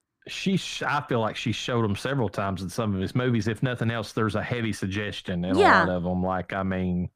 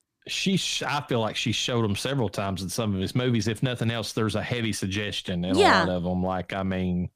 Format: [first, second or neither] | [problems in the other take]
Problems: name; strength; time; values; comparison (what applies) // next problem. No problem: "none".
second | muffled; slightly; fading above 2.5 kHz